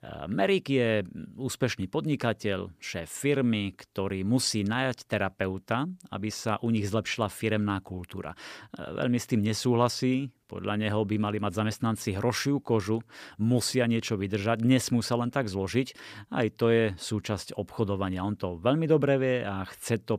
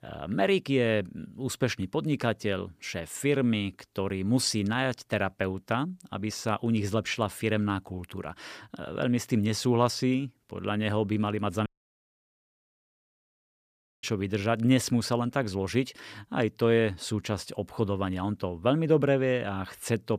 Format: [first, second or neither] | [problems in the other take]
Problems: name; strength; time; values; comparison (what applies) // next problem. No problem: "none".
first | audio cutting out; at 12 s for 2.5 s